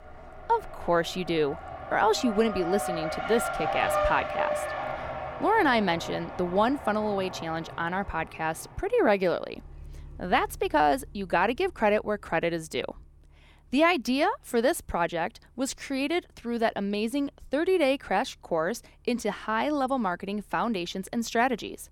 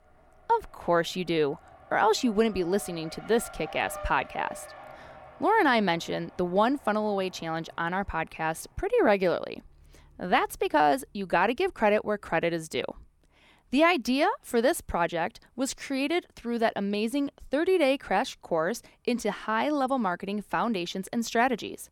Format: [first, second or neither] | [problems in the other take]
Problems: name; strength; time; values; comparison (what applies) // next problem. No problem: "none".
second | traffic noise; loud; throughout; 7 dB below the speech; faint in the second